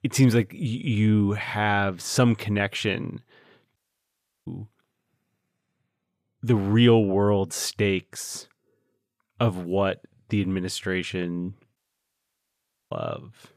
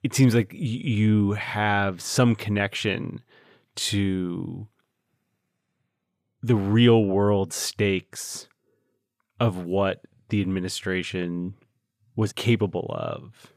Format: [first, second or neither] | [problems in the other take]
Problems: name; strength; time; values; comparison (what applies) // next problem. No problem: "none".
second | audio cutting out; at 4 s for 0.5 s and at 12 s for 1 s